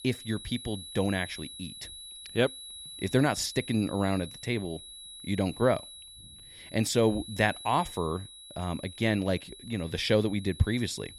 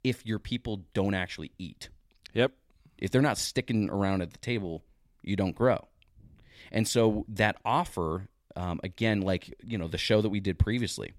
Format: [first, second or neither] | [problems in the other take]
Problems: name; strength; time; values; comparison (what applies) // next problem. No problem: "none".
second | high-pitched whine; noticeable; throughout; 4 kHz, 15 dB below the speech